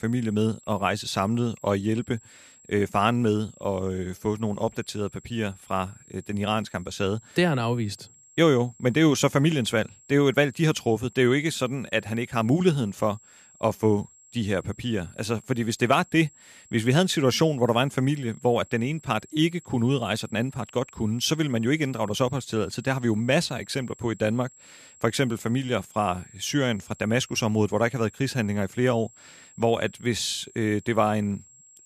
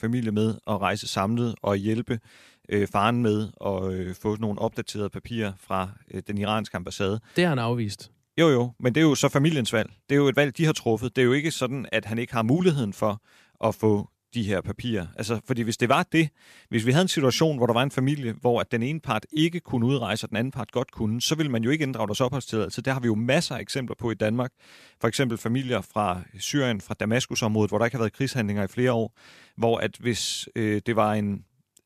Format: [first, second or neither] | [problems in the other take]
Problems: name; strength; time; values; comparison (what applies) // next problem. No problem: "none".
second | high-pitched whine; faint; throughout; 7.5 kHz, 25 dB below the speech